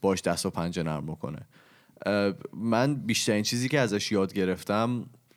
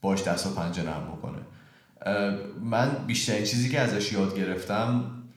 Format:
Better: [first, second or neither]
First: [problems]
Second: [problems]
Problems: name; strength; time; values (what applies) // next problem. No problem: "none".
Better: first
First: none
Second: room echo; slight; dies away in 0.7 s